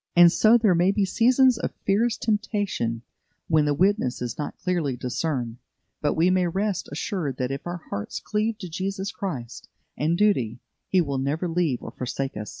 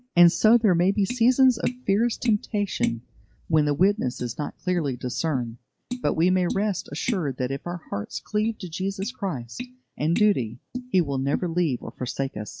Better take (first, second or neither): first